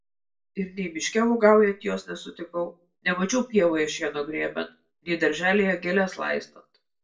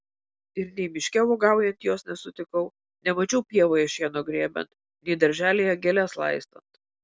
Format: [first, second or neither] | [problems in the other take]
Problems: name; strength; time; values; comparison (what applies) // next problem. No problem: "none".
second | room echo; dies away in 0.2 s